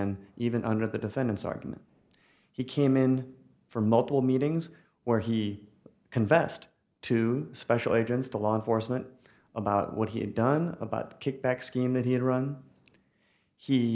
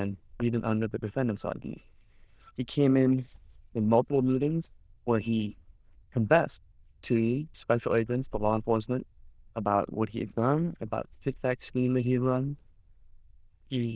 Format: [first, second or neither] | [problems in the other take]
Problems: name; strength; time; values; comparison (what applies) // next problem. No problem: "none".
first | noise reduction (neural diffusion model UNIVERSE++)